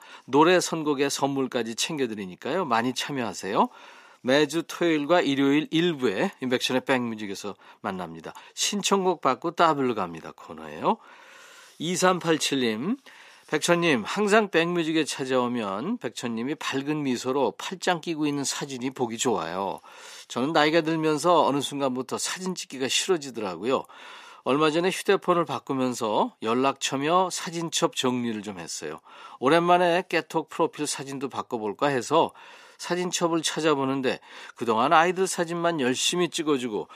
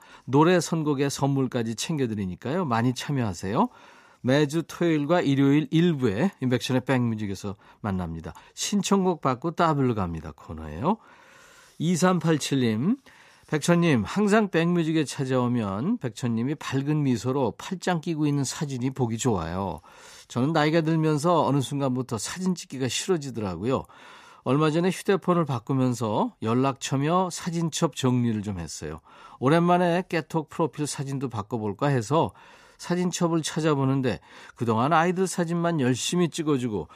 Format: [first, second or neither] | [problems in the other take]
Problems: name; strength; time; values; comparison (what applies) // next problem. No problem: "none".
second | thin; very slightly; fading below 300 Hz